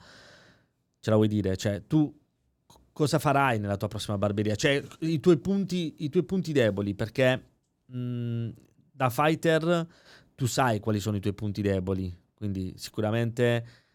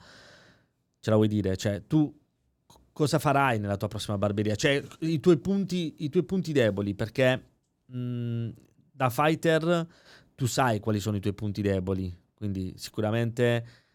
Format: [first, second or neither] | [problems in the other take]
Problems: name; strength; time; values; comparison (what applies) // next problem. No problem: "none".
neither | none